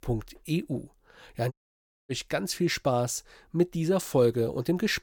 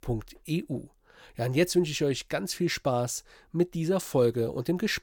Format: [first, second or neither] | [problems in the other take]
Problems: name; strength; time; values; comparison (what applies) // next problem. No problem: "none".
second | audio cutting out; at 1.5 s for 0.5 s